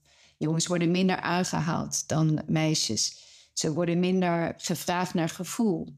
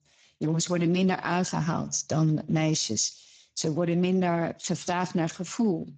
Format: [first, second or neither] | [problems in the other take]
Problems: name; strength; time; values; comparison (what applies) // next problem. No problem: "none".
first | garbled, watery; badly